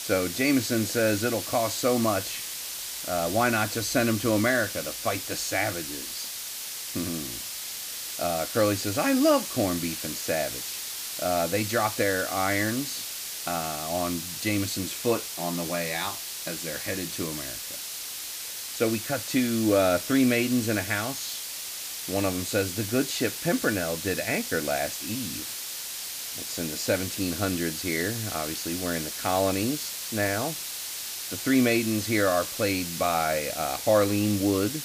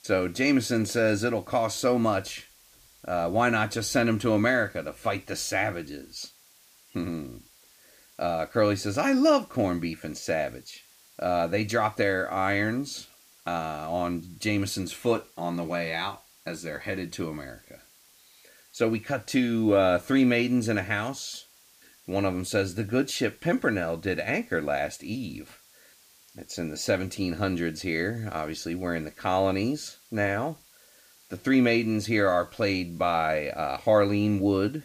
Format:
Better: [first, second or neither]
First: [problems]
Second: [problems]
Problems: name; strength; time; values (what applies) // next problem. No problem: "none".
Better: second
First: hiss; loud; throughout; 5 dB below the speech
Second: hiss; faint; throughout; 30 dB below the speech